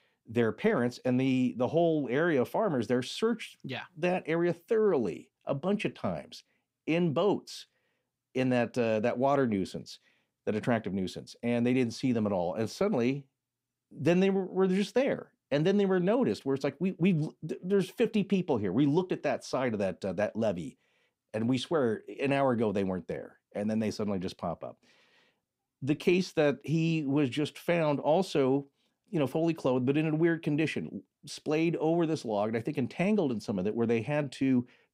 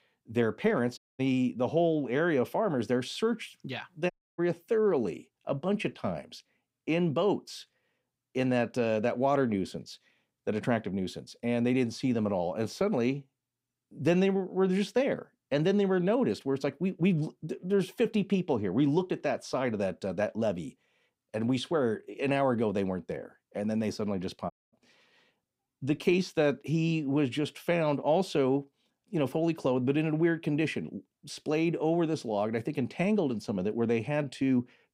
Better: first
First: none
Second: audio cutting out; at 1 s, at 4 s and at 25 s

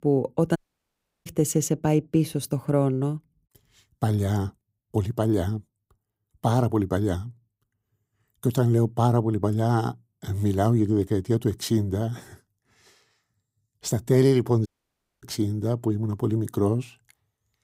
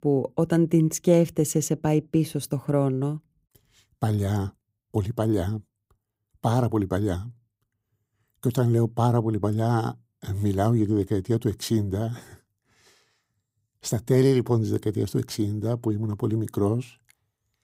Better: second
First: audio cutting out; at 0.5 s for 0.5 s and at 15 s for 0.5 s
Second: none

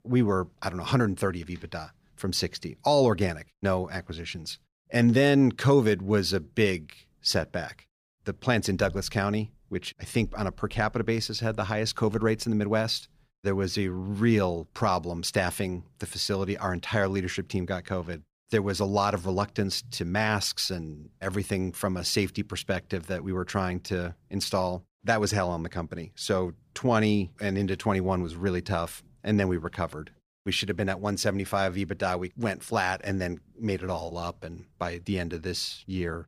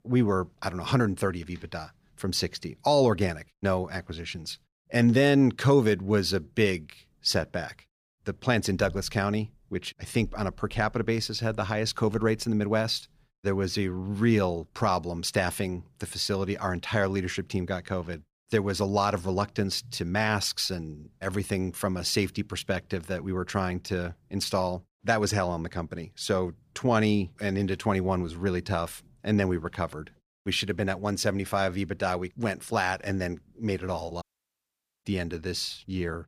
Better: first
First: none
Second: audio cutting out; at 34 s for 1 s

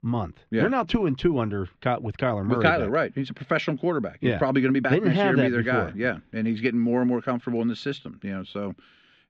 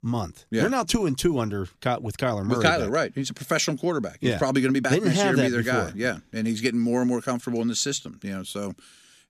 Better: second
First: muffled; very; fading above 3 kHz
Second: none

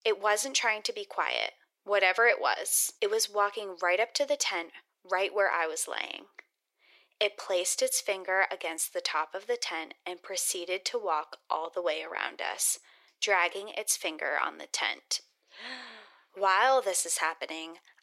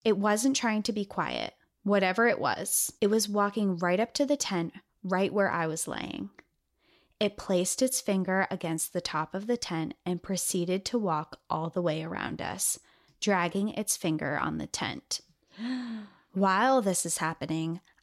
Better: second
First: thin; very; fading below 400 Hz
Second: none

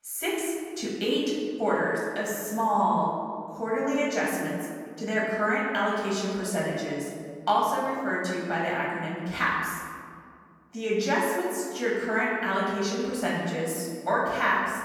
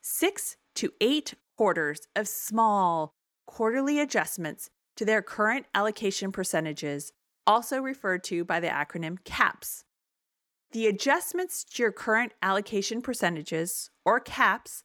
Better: second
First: off-mic speech; far // room echo; noticeable; dies away in 2 s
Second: none

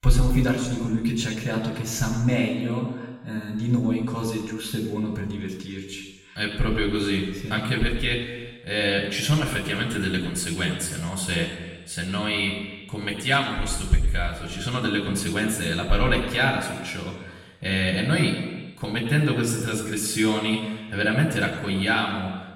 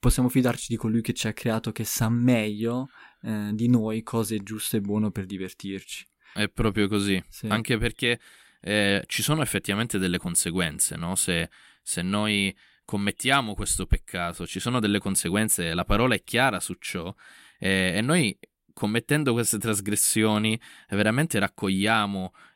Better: second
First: room echo; noticeable; dies away in 1.1 s // off-mic speech; far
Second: none

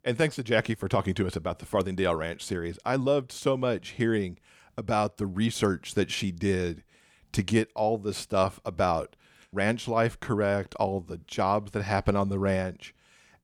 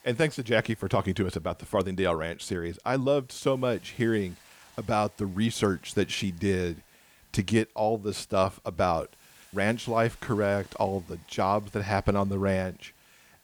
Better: first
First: none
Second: hiss; faint; throughout; 30 dB below the speech

